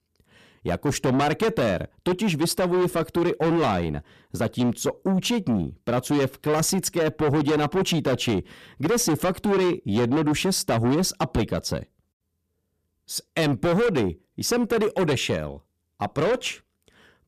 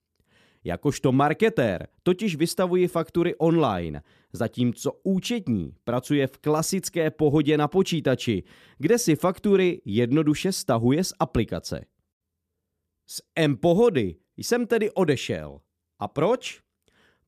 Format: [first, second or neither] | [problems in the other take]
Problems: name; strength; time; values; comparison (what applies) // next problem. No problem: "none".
second | distortion; heavy; 6 dB below the speech